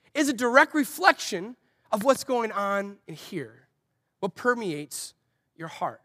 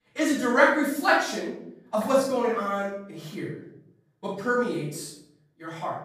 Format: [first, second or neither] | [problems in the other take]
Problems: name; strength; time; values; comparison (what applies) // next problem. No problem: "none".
first | off-mic speech; far // room echo; noticeable; dies away in 0.7 s